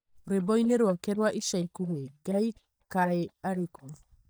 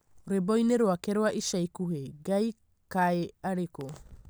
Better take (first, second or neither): second